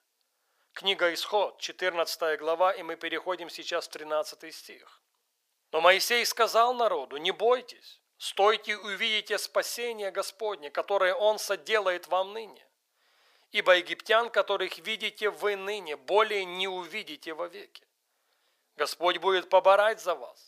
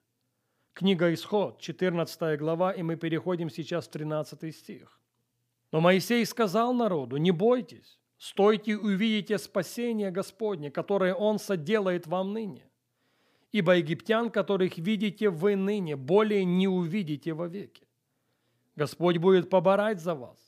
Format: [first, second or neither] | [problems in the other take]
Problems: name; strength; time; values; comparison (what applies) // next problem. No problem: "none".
second | thin; very; fading below 600 Hz